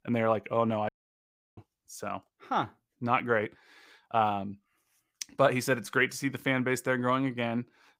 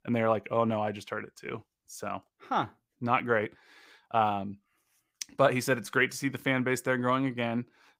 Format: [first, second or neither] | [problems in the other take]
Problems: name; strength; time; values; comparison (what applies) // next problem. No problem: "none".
second | audio cutting out; at 1 s for 0.5 s